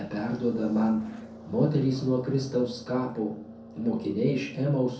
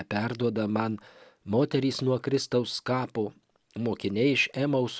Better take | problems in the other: second | background sound (Car passing by); 19 dB below the speech // room echo; dies away in 0.5 s

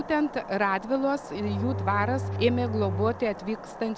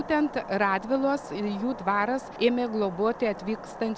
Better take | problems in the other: second | background sound (Bowed string instrument); 4 dB below the speech

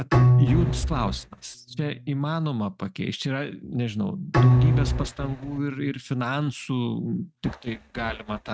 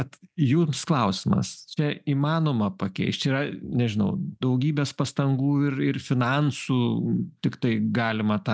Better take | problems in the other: second | noise reduction (neural mask model RNNoise)

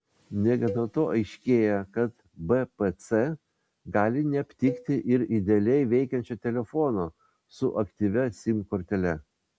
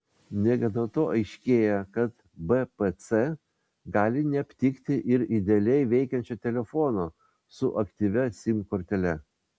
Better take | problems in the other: second | background sound (Cowbell); 17 dB below the speech

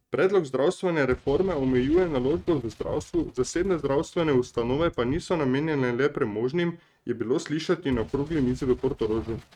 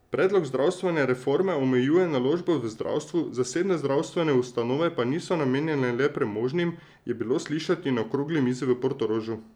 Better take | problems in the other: second | noise reduction (neural mask model RNNoise)

